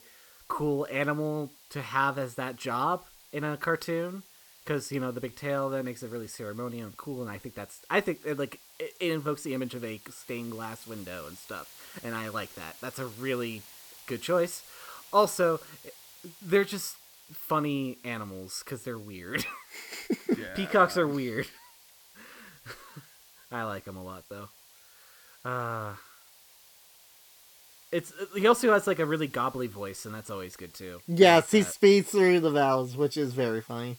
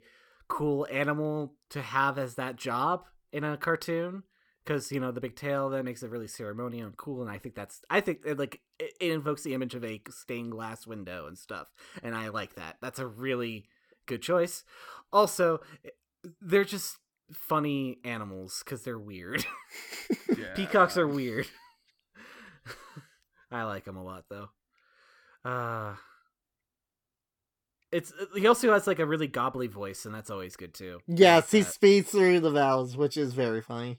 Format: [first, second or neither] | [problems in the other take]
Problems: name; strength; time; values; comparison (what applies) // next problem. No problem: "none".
second | hiss; faint; throughout; 20 dB below the speech